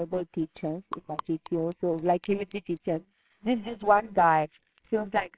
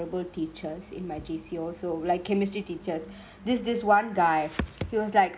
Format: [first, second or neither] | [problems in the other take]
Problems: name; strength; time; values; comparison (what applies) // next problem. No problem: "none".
second | noise reduction (neural separator model SepFormer WHAMR!)